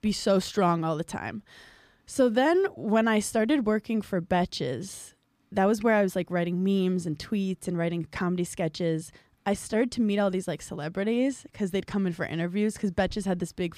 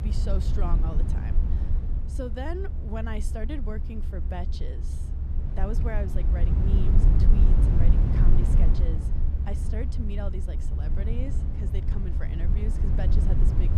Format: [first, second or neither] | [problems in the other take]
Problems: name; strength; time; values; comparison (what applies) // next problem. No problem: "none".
first | low rumble; loud; throughout; 1 dB below the speech